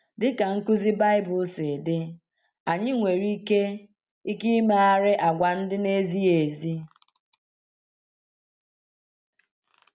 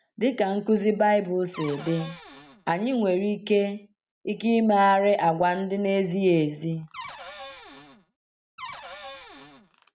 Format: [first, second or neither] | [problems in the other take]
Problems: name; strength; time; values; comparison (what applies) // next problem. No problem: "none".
first | background sound (Cupboard open or close / Door); 17 dB below the speech